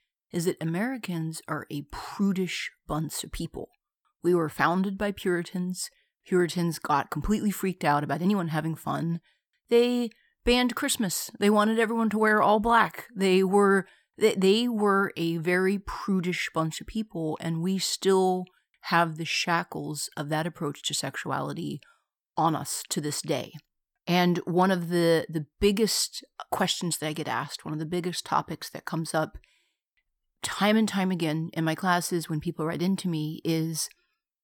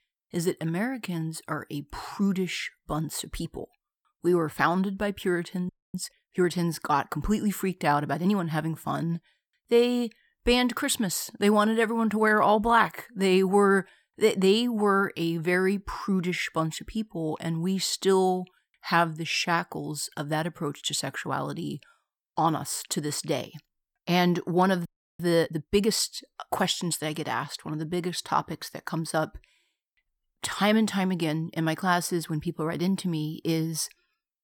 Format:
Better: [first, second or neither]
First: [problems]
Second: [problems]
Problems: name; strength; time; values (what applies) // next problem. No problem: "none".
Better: first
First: none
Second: audio freezing; at 5.5 s and at 25 s